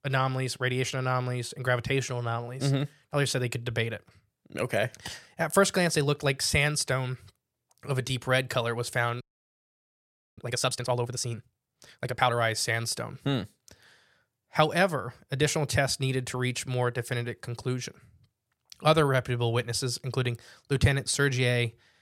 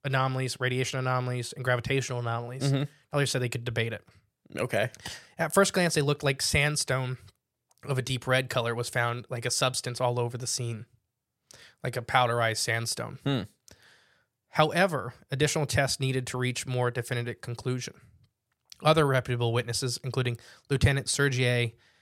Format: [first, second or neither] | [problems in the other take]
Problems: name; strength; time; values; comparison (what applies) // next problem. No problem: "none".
second | audio freezing; at 9 s for 1 s